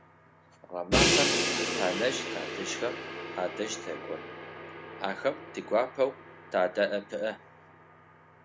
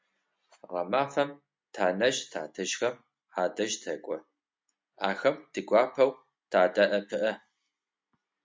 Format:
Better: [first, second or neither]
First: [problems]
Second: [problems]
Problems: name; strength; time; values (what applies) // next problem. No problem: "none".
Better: second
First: background sound (Crash cymbal); as loud as the speech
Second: none